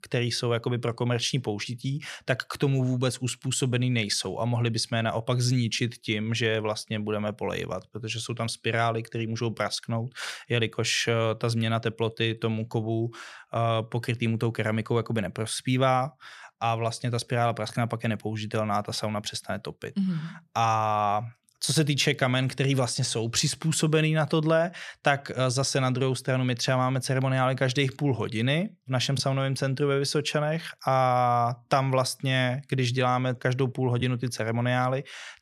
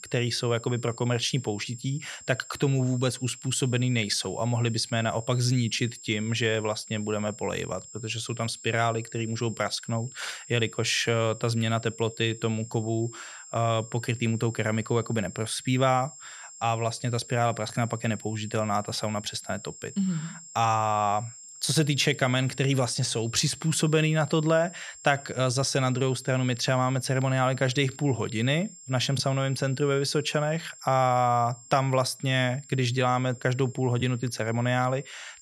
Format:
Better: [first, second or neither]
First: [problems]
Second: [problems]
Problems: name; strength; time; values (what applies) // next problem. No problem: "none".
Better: first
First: none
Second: high-pitched whine; noticeable; throughout; 7.5 kHz, 15 dB below the speech